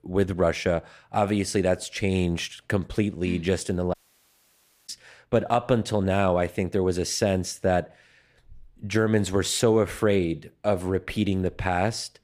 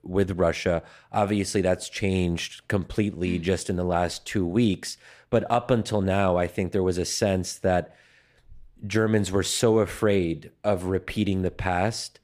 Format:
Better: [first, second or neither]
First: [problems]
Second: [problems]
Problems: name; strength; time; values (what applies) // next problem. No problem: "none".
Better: second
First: audio cutting out; at 4 s for 1 s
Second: none